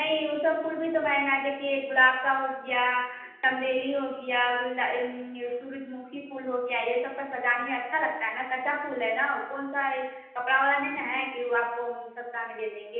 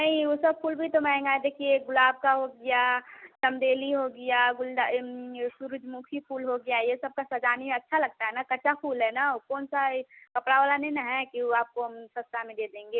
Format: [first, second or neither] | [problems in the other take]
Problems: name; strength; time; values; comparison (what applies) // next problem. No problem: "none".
second | room echo; dies away in 0.9 s